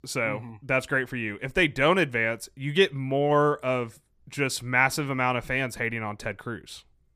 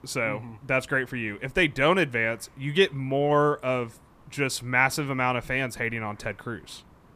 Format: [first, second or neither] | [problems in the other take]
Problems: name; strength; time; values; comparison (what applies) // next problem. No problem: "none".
first | hiss; faint; throughout; 30 dB below the speech